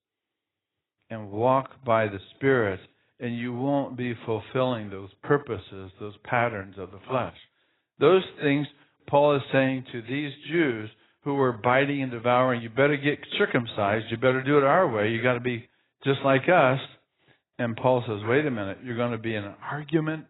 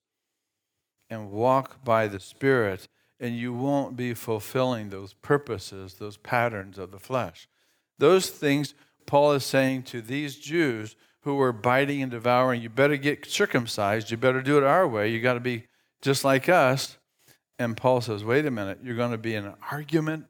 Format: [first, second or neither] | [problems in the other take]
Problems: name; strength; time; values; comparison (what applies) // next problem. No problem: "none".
second | garbled, watery; badly; nothing above 4 kHz